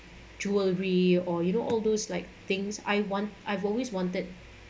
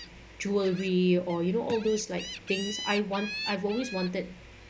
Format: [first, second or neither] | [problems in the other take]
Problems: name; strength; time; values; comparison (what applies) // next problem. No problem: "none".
first | background sound (Gull, seagull); 12 dB below the speech